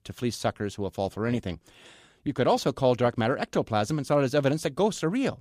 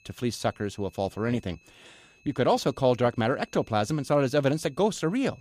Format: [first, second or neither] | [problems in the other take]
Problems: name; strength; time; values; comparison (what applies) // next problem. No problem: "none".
first | high-pitched whine; faint; throughout; 2.5 kHz, 30 dB below the speech